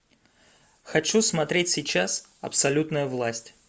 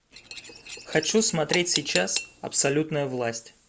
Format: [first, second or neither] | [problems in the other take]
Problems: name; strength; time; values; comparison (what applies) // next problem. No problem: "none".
first | background sound (Cutlery, silverware / Dishes, pots, and pans); 8 dB below the speech